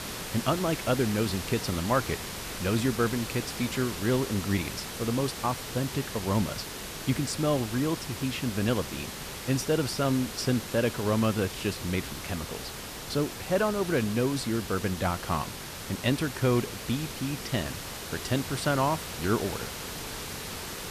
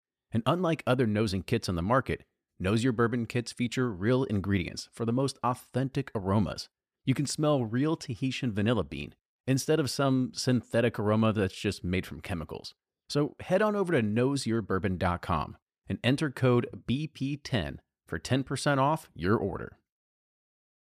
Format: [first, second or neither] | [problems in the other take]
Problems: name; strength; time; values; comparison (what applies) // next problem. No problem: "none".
second | hiss; loud; throughout; 7 dB below the speech